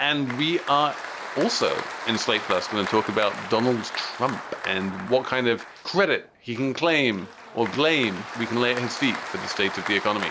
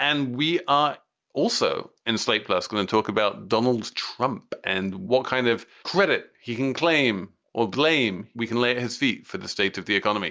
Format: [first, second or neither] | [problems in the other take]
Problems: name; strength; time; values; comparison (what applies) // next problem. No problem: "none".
second | background sound (Applause); 10 dB below the speech